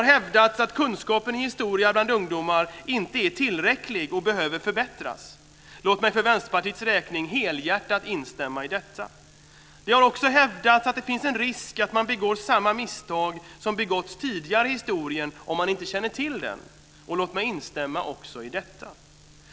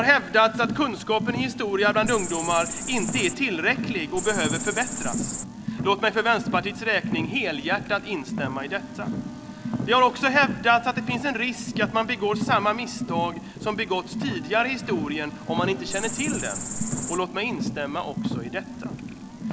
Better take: first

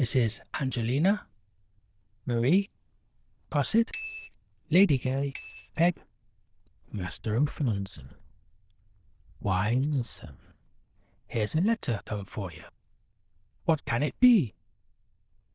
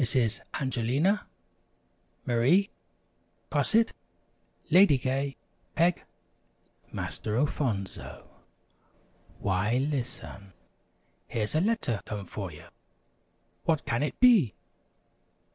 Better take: second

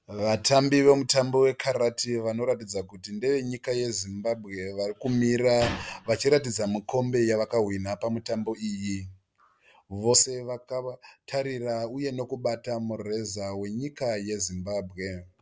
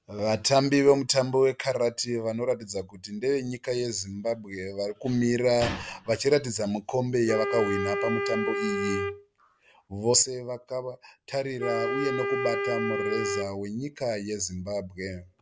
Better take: first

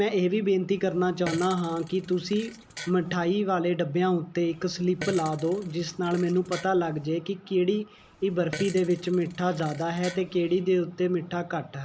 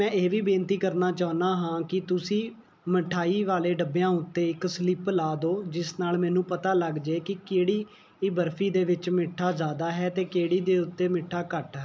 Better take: second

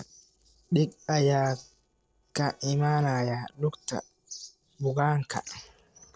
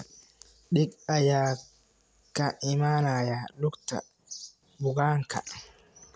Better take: second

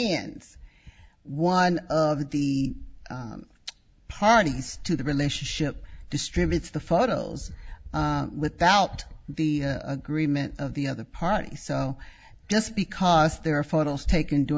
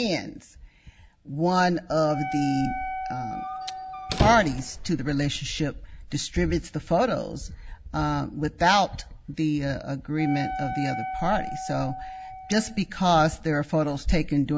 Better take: first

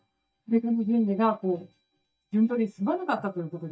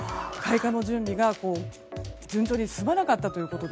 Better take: second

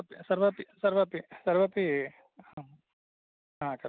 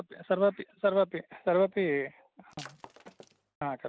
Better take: first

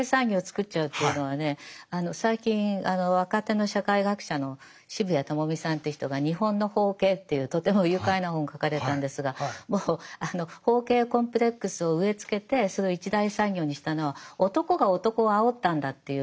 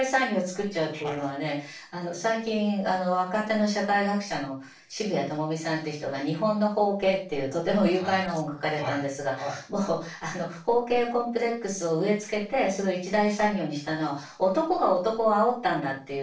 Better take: first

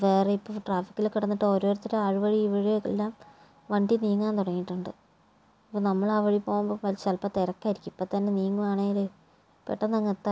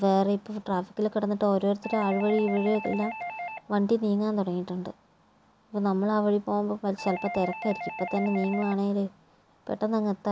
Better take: first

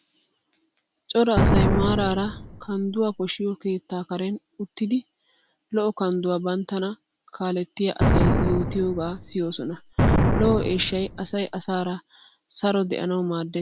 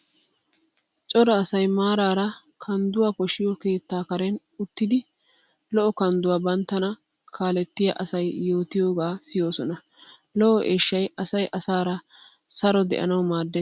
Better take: second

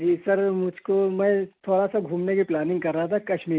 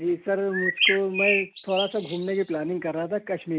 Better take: first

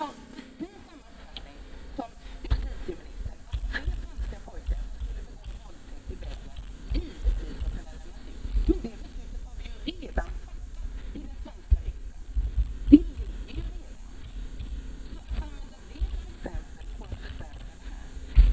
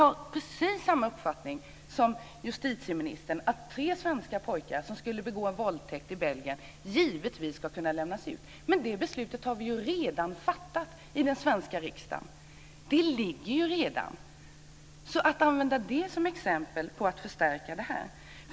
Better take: second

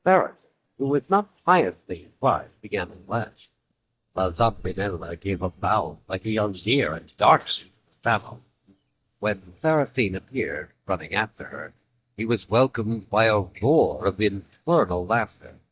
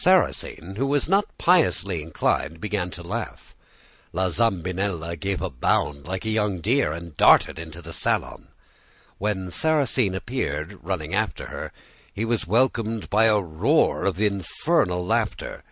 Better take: second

